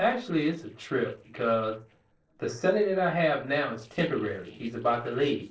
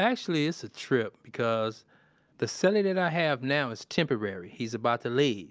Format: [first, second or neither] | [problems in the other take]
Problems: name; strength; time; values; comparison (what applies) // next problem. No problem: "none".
second | noise reduction (neural separator model SepFormer DNS4)